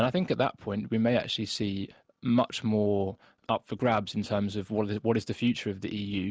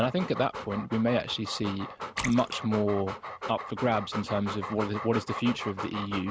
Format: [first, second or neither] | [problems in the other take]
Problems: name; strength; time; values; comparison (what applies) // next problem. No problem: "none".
first | background sound (Splash, splatter + Dog); 8 dB below the speech